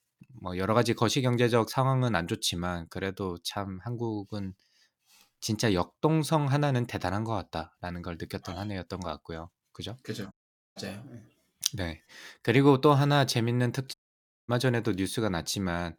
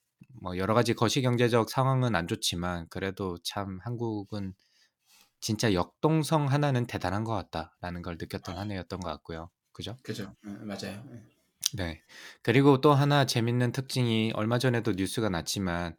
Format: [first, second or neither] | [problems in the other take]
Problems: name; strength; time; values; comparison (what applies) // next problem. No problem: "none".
second | audio cutting out; at 10 s and at 14 s for 0.5 s